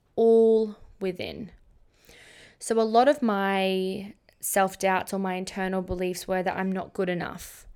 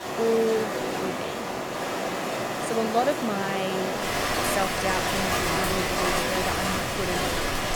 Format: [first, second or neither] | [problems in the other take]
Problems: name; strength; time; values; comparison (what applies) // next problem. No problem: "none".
first | rain or running water; very loud; throughout; 3 dB above the speech